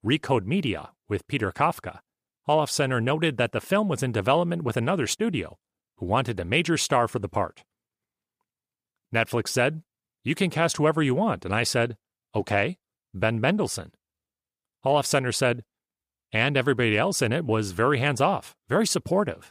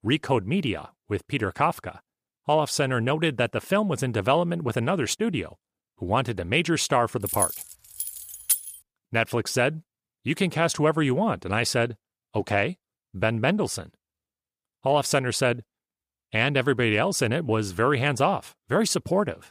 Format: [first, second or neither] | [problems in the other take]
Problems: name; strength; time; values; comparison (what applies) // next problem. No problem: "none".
first | jangling keys; loud; from 7.5 to 8.5 s; peak 1 dB above the speech